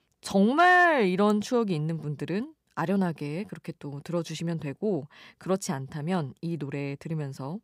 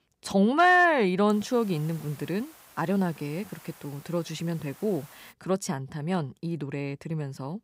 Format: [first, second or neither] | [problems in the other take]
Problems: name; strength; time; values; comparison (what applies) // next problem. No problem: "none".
first | hiss; faint; from 1.5 to 5.5 s; 25 dB below the speech